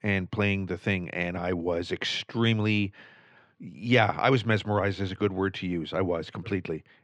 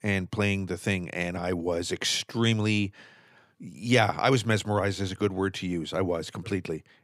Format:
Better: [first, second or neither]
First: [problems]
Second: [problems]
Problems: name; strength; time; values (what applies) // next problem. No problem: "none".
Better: second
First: muffled; slightly; fading above 3 kHz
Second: none